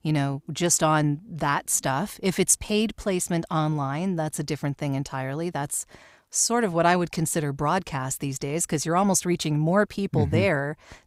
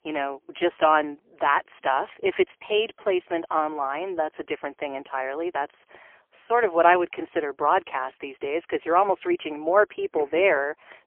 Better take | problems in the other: first | phone-call audio; poor line; nothing above 3 kHz

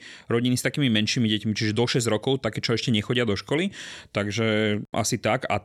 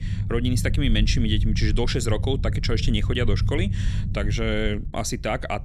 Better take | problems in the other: first | low rumble; noticeable; throughout; 15 dB below the speech

